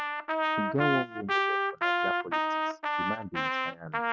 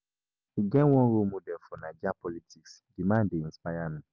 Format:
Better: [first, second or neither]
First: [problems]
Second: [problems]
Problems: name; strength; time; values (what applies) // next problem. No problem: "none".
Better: second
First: noise reduction (neural mask model RNNoise)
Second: none